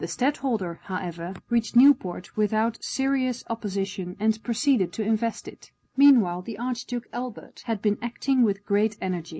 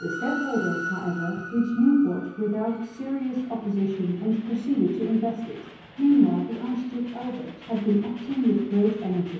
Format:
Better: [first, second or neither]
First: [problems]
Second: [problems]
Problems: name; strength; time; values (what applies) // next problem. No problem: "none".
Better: first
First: none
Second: background sound (Train); 15 dB below the speech // room echo; dies away in 0.9 s